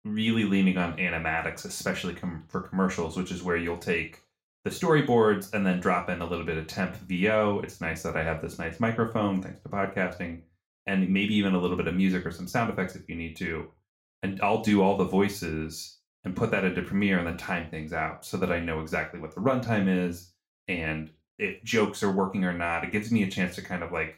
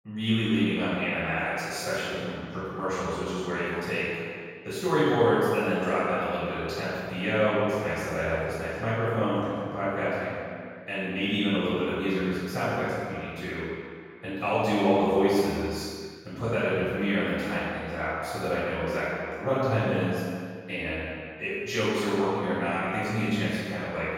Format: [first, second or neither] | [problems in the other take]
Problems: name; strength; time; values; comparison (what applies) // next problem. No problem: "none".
first | room echo; strong; dies away in 2.1 s; slight in the first // off-mic speech; far; far in the first